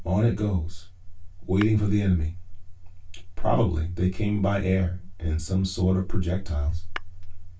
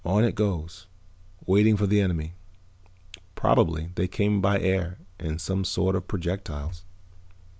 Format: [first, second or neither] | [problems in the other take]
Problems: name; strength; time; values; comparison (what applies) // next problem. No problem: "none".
second | background sound (Tap / Glass); 17 dB below the speech // room echo; dies away in 0.2 s